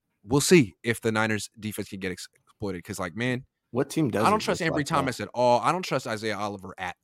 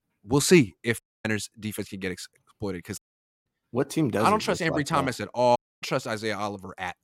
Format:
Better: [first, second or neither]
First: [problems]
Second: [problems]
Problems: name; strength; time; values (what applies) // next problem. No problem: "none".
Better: first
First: none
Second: audio cutting out; at 1 s, at 3 s and at 5.5 s